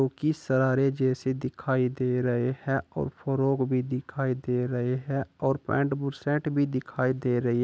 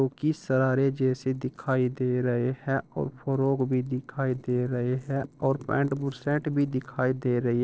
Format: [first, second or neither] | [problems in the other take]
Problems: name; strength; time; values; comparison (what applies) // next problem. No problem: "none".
first | noise reduction (neural separator model SepFormer DNS4)